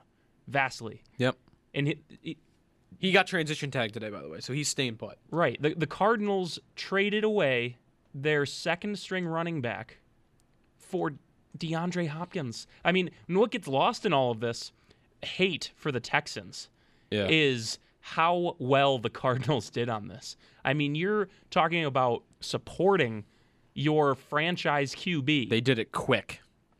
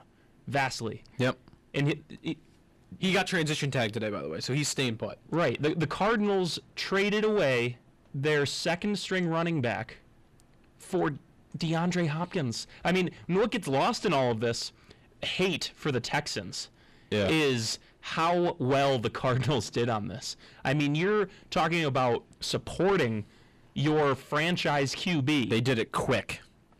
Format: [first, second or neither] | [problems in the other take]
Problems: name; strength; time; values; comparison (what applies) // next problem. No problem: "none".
first | distortion; heavy; 7 dB below the speech